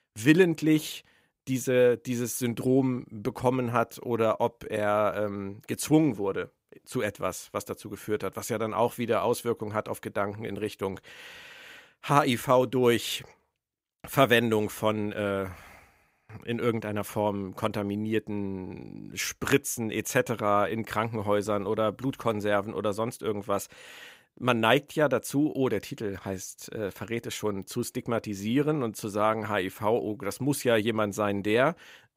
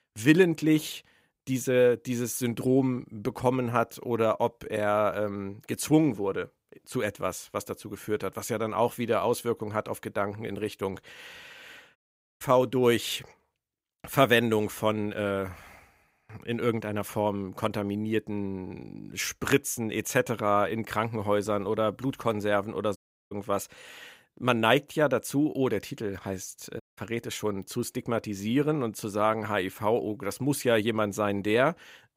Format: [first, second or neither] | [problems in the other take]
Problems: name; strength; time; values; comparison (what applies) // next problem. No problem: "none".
first | audio cutting out; at 12 s, at 23 s and at 27 s